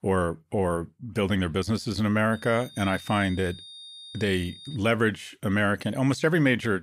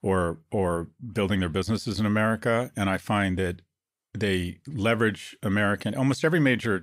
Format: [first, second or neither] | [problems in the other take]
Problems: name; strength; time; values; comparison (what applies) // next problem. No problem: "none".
second | high-pitched whine; noticeable; from 2.5 to 5 s; 3.5 kHz, 15 dB below the speech